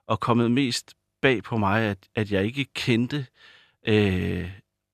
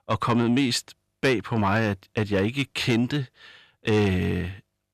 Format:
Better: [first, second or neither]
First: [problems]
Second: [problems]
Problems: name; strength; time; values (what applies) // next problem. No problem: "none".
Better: first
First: none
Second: distortion; slight; 10 dB below the speech